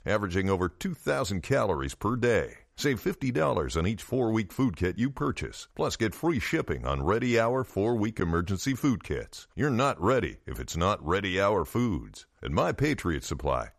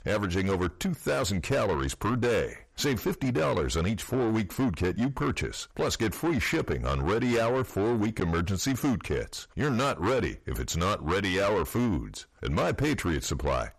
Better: first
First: none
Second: distortion; heavy; 8 dB below the speech

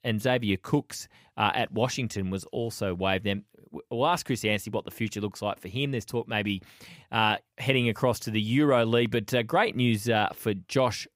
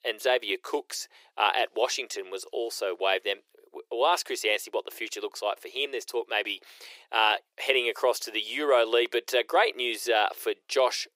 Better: first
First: none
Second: thin; very; fading below 350 Hz

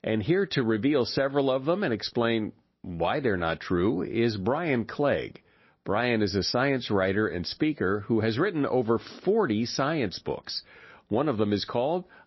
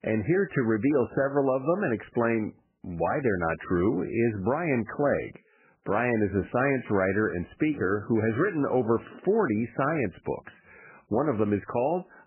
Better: first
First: garbled, watery; slightly; nothing above 5.5 kHz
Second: garbled, watery; badly; nothing above 2.5 kHz

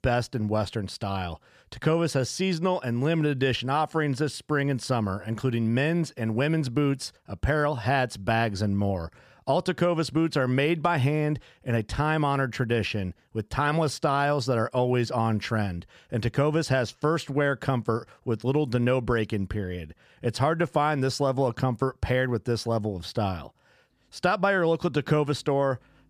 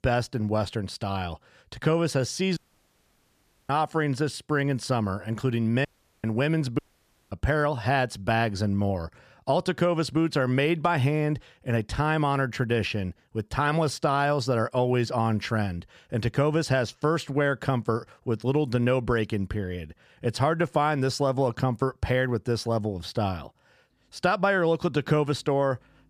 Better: first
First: none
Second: audio cutting out; at 2.5 s for 1 s, at 6 s and at 7 s for 0.5 s

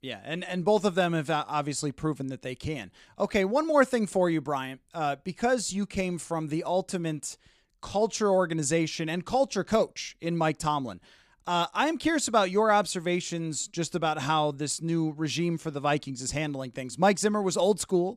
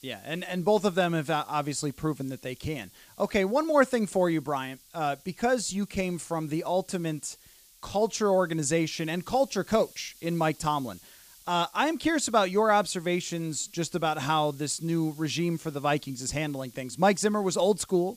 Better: first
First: none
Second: hiss; faint; throughout; 25 dB below the speech

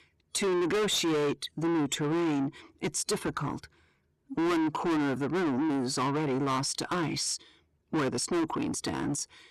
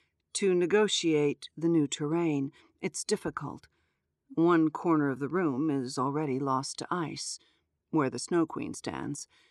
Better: second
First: distortion; heavy; 6 dB below the speech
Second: none

